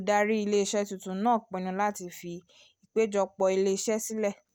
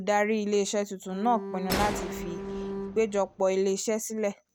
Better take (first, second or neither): first